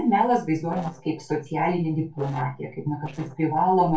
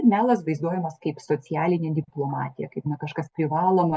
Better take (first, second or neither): second